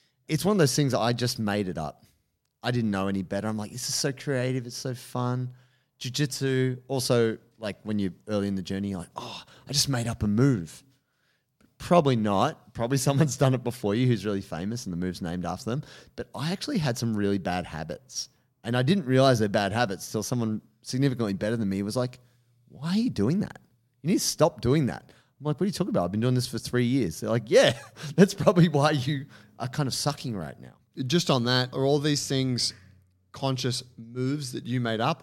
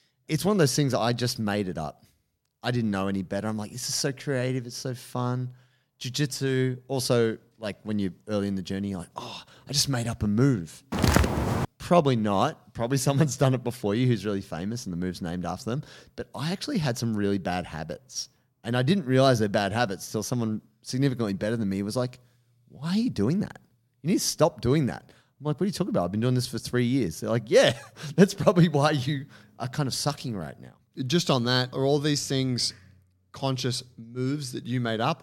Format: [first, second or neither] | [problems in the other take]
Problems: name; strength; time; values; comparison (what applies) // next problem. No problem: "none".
first | footsteps; loud; at 11 s; peak 4 dB above the speech